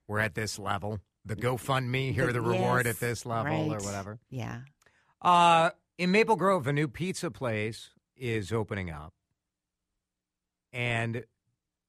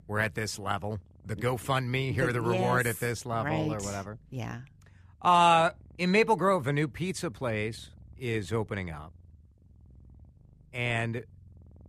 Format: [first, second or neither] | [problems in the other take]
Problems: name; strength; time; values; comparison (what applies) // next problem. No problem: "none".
first | animal sounds; faint; throughout; 25 dB below the speech